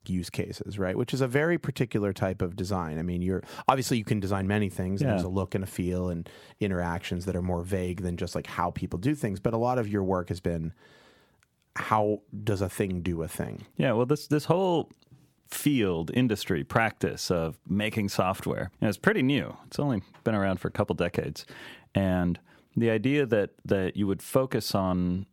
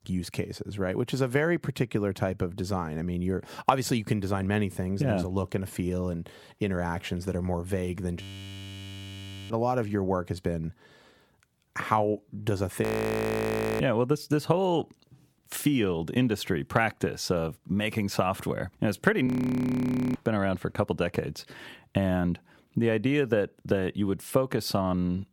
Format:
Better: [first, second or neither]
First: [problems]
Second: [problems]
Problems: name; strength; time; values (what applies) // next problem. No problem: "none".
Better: first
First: none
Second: audio freezing; at 8 s for 1.5 s, at 13 s for 1 s and at 19 s for 1 s